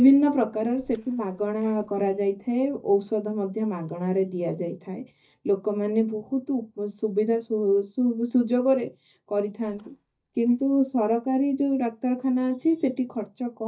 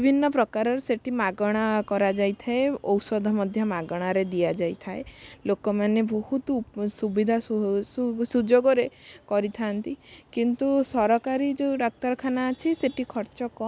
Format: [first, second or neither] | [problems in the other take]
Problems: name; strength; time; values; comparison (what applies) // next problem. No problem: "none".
second | noise reduction (neural mask model DeepFilterNet 3)